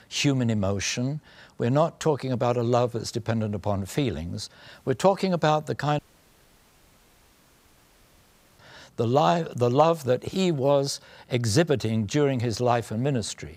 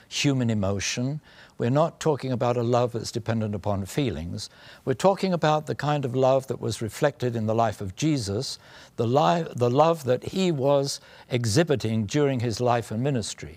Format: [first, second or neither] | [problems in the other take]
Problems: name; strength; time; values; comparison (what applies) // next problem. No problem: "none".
second | audio cutting out; at 6 s for 2.5 s